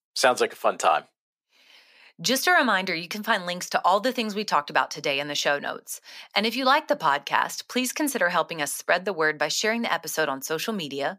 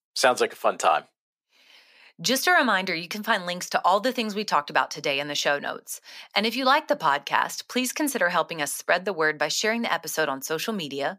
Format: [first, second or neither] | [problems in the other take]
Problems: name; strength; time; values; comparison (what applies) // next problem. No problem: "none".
neither | thin; somewhat; fading below 400 Hz; the same in both